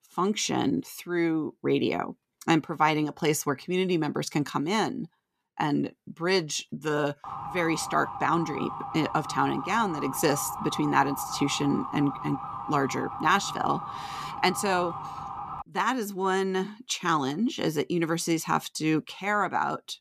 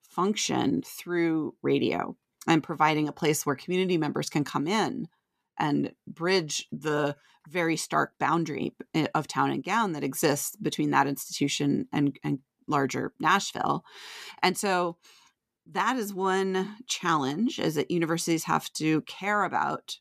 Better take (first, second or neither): second